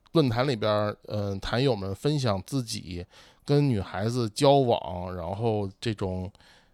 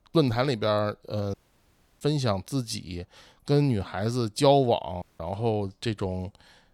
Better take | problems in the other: first | audio cutting out; at 1.5 s for 0.5 s and at 5 s

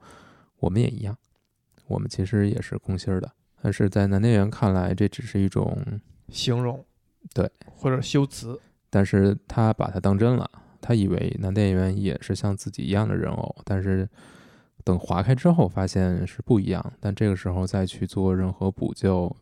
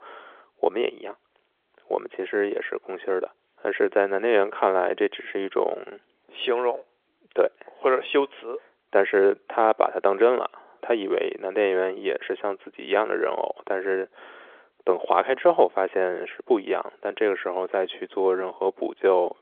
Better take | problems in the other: first | phone-call audio; nothing above 3.5 kHz

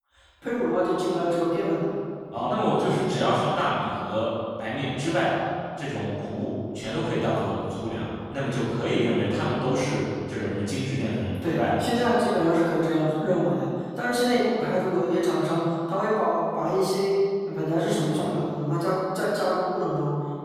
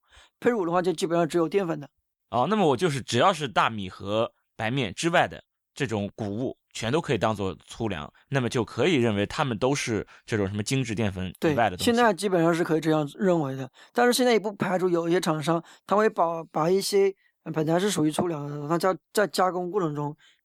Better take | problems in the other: second | off-mic speech; far // room echo; strong; dies away in 1.9 s

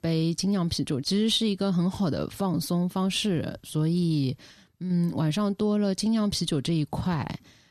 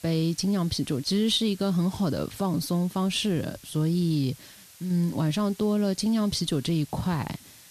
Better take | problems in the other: first | hiss; faint; throughout; 20 dB below the speech

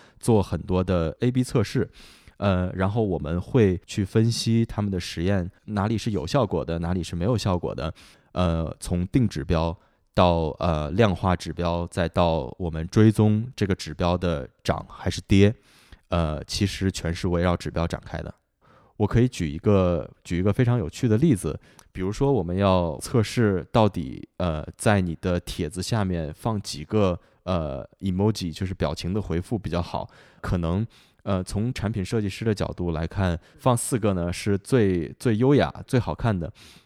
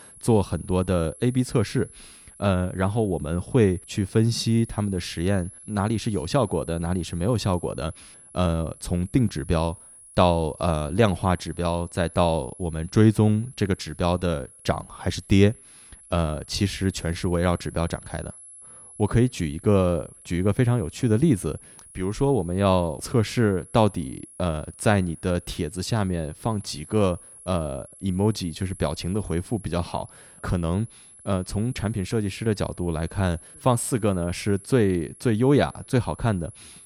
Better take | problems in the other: first | high-pitched whine; noticeable; throughout; 11 kHz, 20 dB below the speech

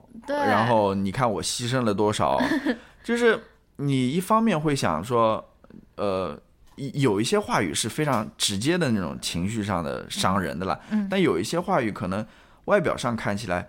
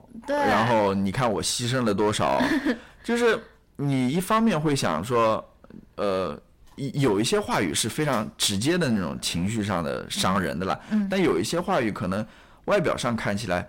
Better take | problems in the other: first | distortion; slight; 7% of the sound clipped

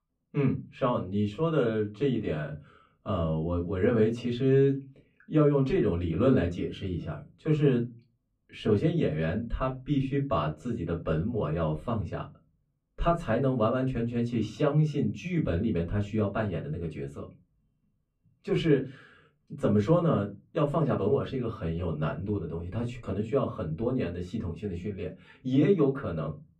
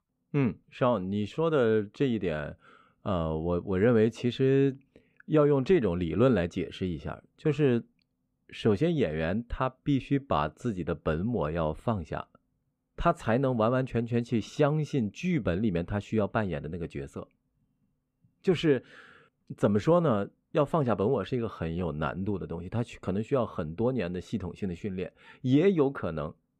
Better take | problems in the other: second | off-mic speech; far // room echo; very slight; dies away in 0.2 s

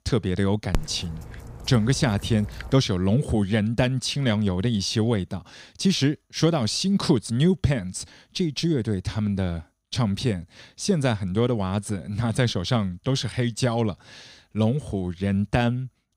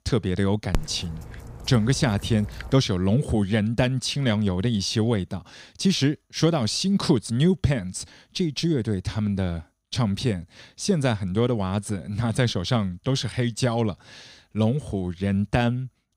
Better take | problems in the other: neither | dog barking; noticeable; from 0.5 to 2.5 s; peak 8 dB below the speech; the same in both

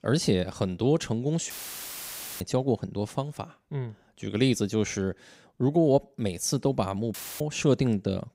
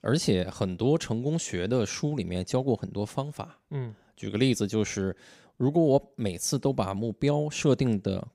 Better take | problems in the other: second | audio cutting out; filled with static; at 1.5 s for 1 s and at 7 s

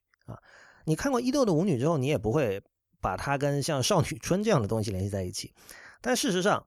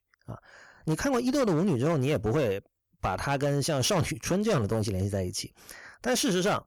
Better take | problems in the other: first | distortion; slight; 10% of the sound clipped

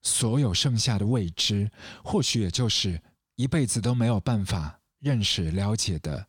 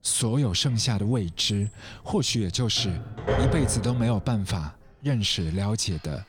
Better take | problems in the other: first | household noises; loud; throughout; 6 dB below the speech

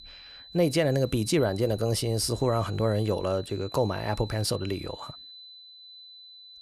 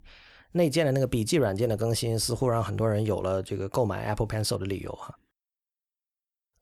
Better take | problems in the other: second | high-pitched whine; noticeable; throughout; 4 kHz, 15 dB below the speech

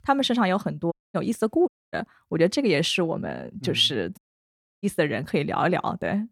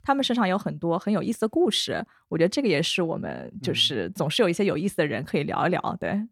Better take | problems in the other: second | audio cutting out; at 1 s, at 1.5 s and at 4 s for 0.5 s

